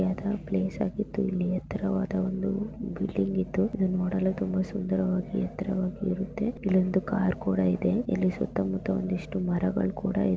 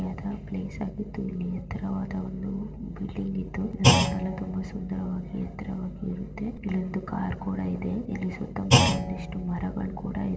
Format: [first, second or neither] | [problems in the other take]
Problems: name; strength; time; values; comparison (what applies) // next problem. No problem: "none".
first | background sound (Thump, thud); as loud as the speech // room echo; dies away in 2.5 s